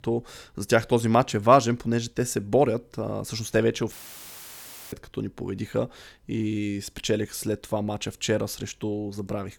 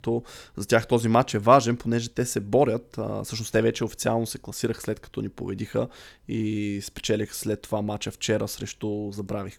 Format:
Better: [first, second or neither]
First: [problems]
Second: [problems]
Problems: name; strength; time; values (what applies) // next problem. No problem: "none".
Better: second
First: audio cutting out; filled with static; at 4 s for 1 s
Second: none